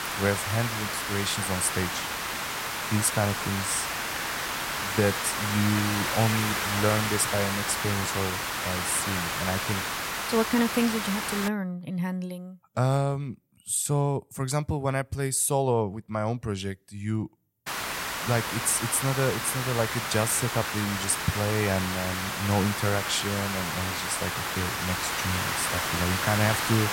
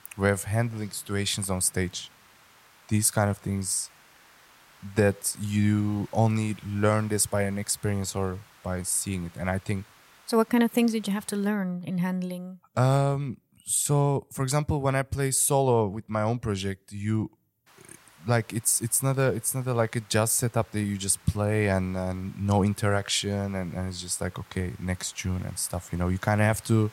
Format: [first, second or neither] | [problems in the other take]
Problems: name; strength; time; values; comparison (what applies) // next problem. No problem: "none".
second | hiss; loud; until 11 s and from 18 s on; 1 dB below the speech; faint in the second